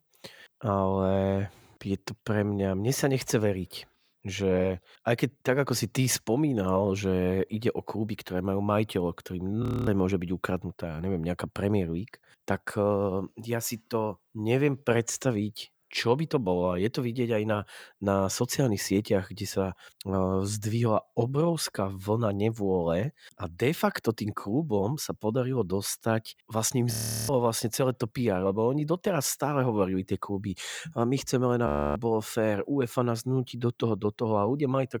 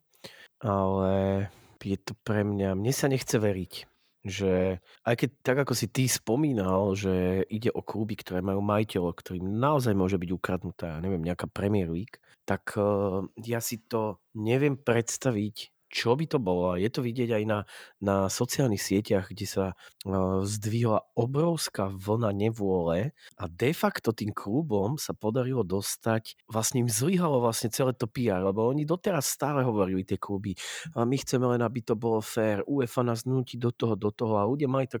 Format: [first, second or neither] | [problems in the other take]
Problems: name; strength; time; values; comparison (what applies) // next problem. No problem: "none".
second | audio freezing; at 9.5 s, at 27 s and at 32 s